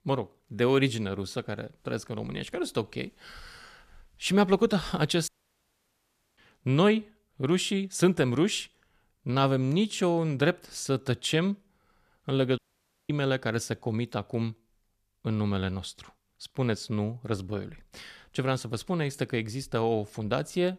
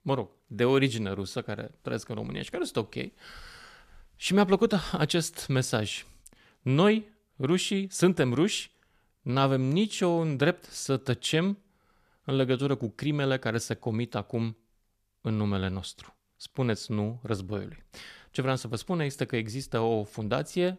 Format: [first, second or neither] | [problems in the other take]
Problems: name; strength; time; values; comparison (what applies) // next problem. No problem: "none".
second | audio cutting out; at 5.5 s for 1 s and at 13 s for 0.5 s